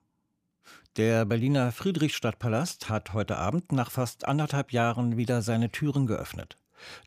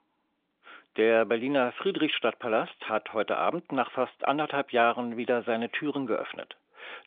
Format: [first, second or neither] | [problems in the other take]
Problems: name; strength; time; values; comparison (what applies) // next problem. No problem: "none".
first | phone-call audio; nothing above 3.5 kHz